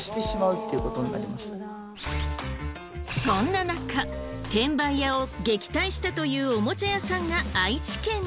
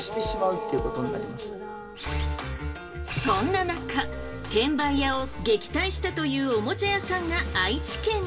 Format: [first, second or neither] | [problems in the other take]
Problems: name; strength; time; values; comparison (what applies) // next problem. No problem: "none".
first | background sound (Wind instrument, woodwind instrument); 18 dB below the speech // room echo; dies away in 2.1 s